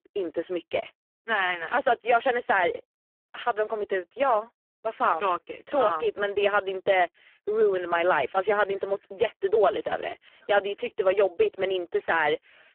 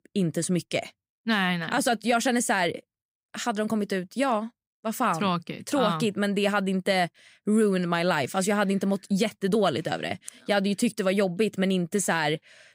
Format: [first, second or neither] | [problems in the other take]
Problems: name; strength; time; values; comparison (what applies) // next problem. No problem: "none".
second | phone-call audio; poor line